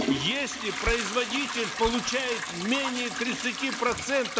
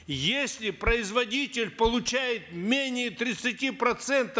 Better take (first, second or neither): second